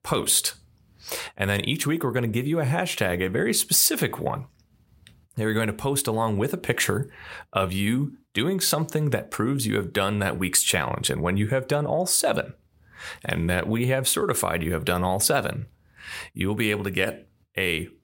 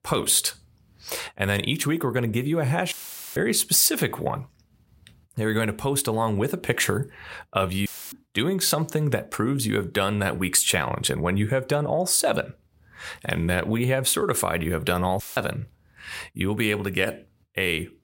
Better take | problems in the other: first | audio cutting out; filled with static; at 3 s, at 8 s and at 15 s

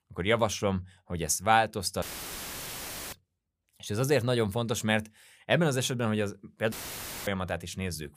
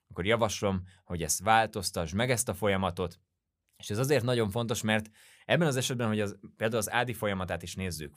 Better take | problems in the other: second | audio cutting out; filled with static; at 2 s for 1 s and at 6.5 s for 0.5 s

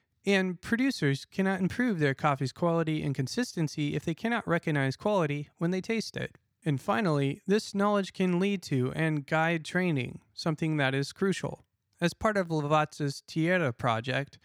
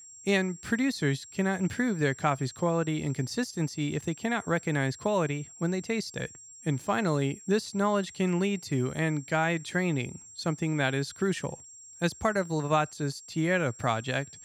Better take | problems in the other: first | high-pitched whine; noticeable; throughout; 7.5 kHz, 15 dB below the speech

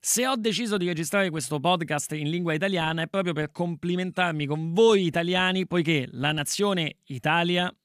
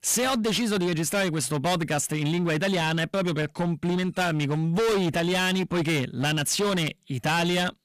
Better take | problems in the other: first | distortion; heavy; 25% of the sound clipped

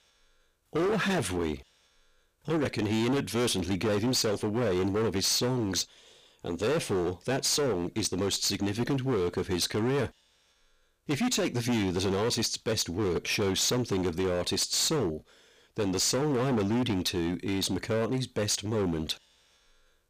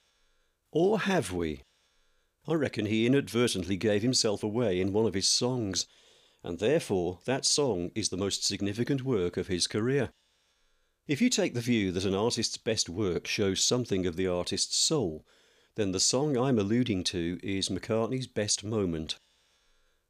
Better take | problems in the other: second | distortion; heavy; 19% of the sound clipped

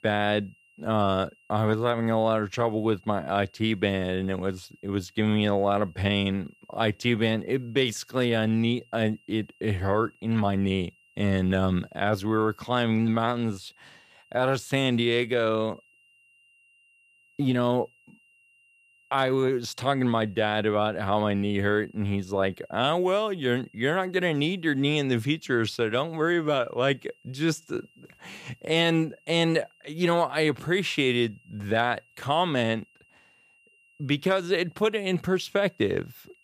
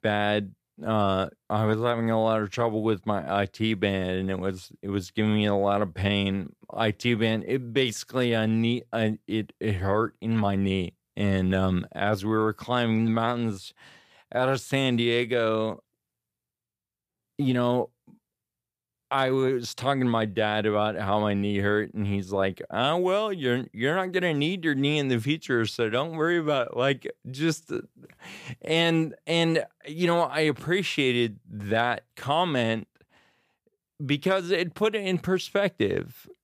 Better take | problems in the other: second | high-pitched whine; faint; throughout; 3 kHz, 35 dB below the speech

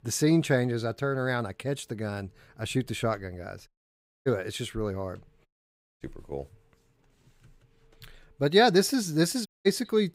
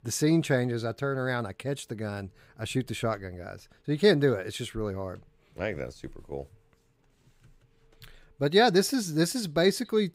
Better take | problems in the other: second | audio cutting out; at 3.5 s for 0.5 s, at 5.5 s for 0.5 s and at 9.5 s

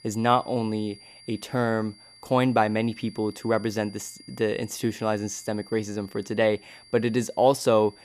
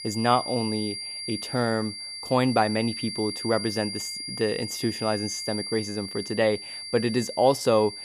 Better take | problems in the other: first | high-pitched whine; loud; throughout; 4.5 kHz, 7 dB below the speech; faint in the first

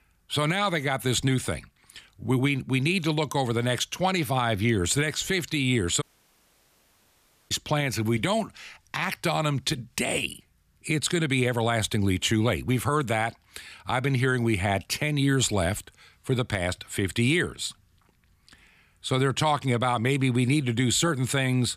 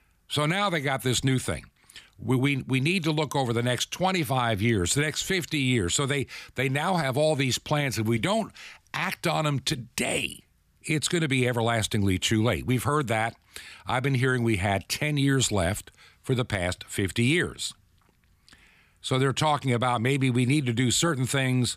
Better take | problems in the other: second | audio cutting out; at 6 s for 1.5 s

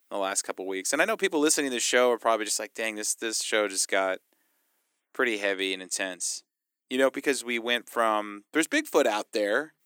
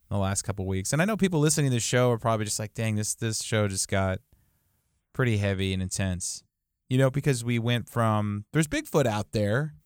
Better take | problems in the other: second | thin; somewhat; fading below 300 Hz

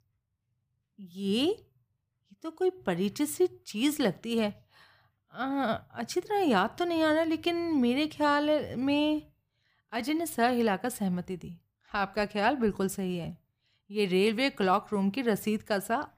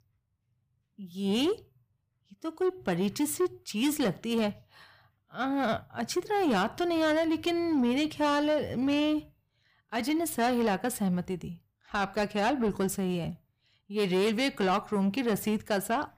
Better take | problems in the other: first | distortion; slight; 10 dB below the speech

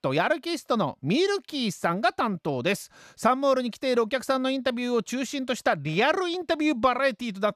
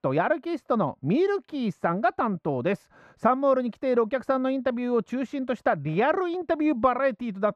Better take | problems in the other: first | muffled; very; fading above 2.5 kHz

